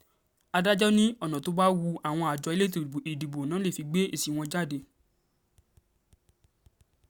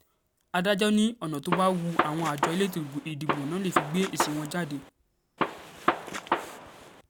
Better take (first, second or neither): first